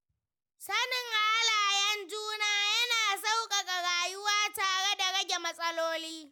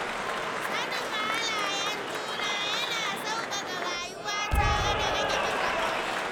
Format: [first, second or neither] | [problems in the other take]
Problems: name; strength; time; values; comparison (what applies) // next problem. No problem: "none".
first | background sound (Applause / Cheering); 4 dB above the speech